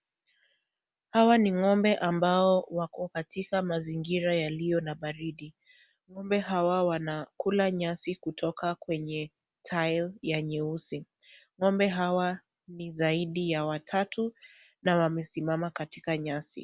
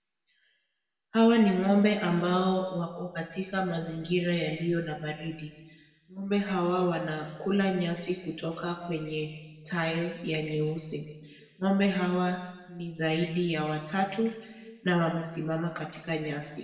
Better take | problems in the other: first | room echo; dies away in 1.3 s

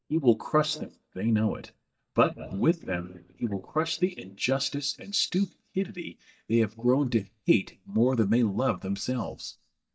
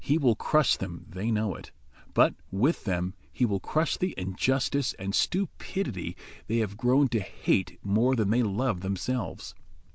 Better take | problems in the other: second | noise reduction (neural mask model DeepFilterNet 3)

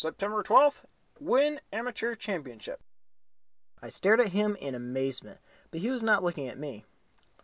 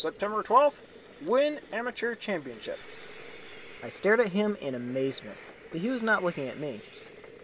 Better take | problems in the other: first | background sound (Boiling + Train); 19 dB below the speech

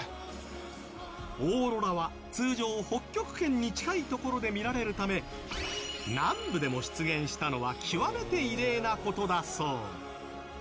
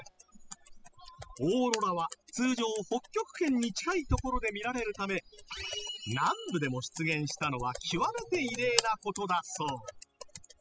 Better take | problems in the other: first | noise reduction (classical method spectral subtraction)

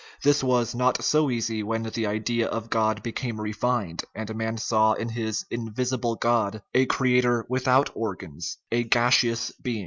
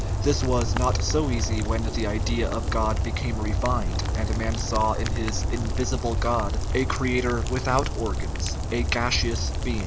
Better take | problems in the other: first | background sound (Rain); 2 dB above the speech

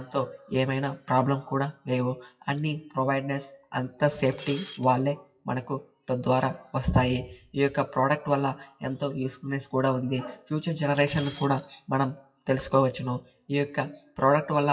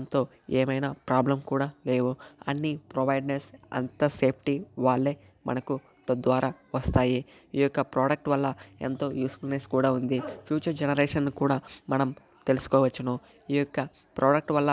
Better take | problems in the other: second | noise reduction (classical method WPE with log-MMSE)

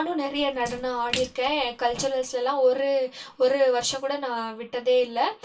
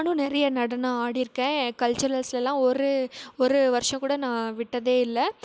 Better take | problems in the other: second | background sound (Splash, splatter); 16 dB below the speech // room echo; dies away in 0.2 s

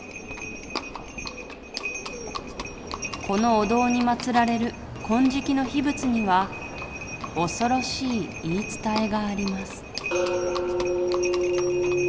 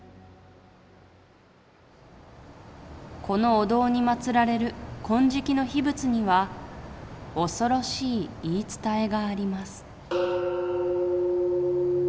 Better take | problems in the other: second | background sound (Livestock, farm animals, working animals); 9 dB below the speech

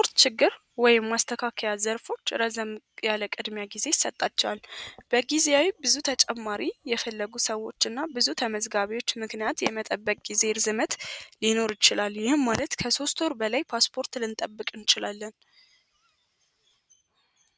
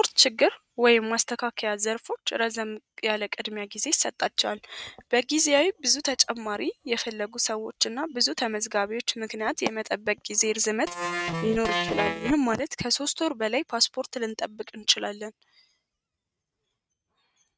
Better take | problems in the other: first | noise reduction (neural mask model RNNoise)

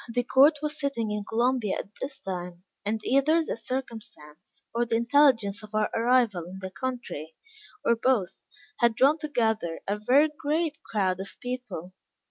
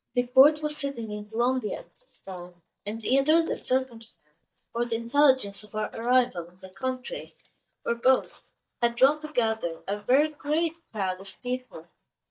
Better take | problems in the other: first | noise reduction (neural mask model DeepFilterNet 3)

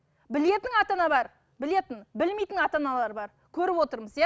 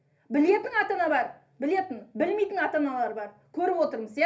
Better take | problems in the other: first | room echo; dies away in 0.3 s

